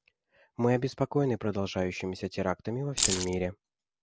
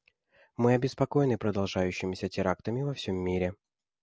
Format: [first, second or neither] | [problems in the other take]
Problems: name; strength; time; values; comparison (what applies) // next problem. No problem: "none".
second | background sound (Keys jangling); 2 dB above the speech